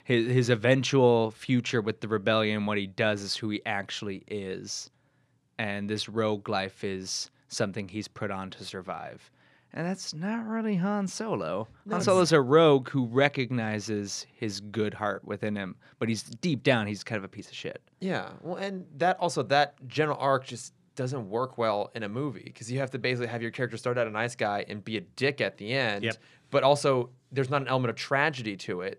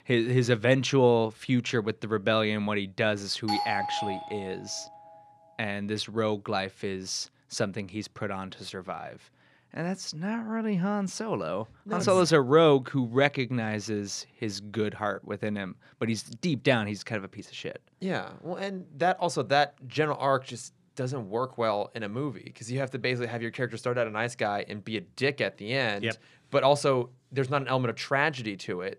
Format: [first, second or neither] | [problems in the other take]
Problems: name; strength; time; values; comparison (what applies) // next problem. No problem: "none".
first | doorbell; noticeable; from 3.5 to 5 s; peak 1 dB below the speech